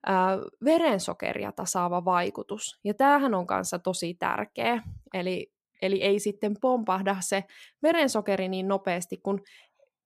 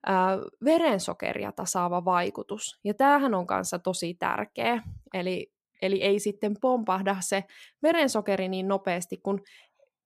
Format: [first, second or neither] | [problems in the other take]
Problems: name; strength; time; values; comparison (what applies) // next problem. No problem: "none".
neither | none